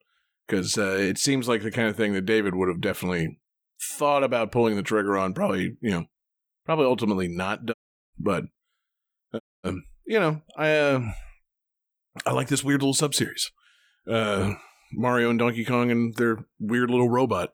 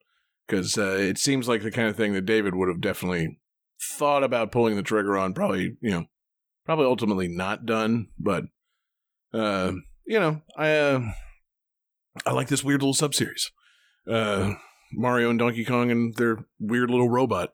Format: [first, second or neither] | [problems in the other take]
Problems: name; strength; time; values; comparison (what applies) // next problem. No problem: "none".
second | audio cutting out; at 7.5 s and at 9.5 s